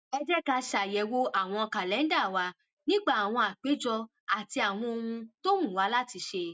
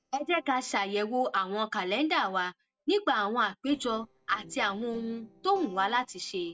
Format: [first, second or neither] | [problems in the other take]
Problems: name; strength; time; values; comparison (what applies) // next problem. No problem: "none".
first | noise reduction (neural separator model SepFormer DNS4)